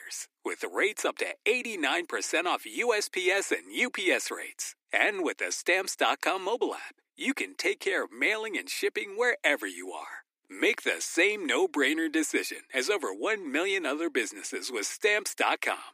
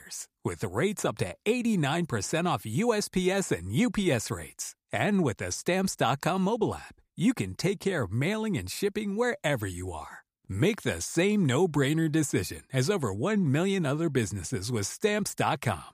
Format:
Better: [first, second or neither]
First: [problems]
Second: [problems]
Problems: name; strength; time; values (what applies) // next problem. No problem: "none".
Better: second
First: thin; somewhat; fading below 300 Hz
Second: none